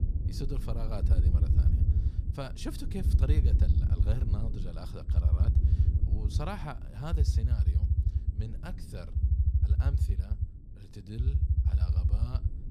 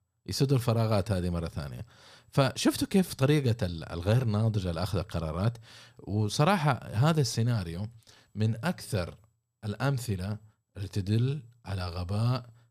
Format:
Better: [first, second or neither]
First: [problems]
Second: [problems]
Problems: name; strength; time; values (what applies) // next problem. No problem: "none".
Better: second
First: low rumble; loud; throughout; 1 dB below the speech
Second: none